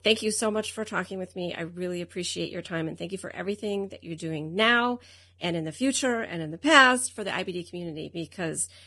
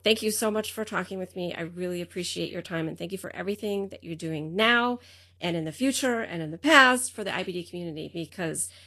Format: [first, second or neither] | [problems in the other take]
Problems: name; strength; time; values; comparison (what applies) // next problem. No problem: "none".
second | garbled, watery; badly; nothing above 10.5 kHz; slightly in the second